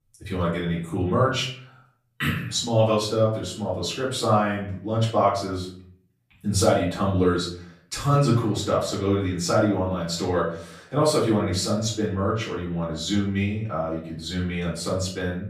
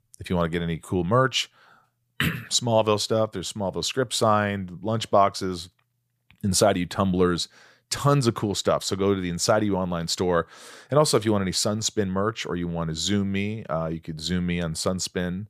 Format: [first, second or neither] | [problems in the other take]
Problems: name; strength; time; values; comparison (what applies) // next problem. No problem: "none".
second | room echo; noticeable; dies away in 0.5 s // off-mic speech; far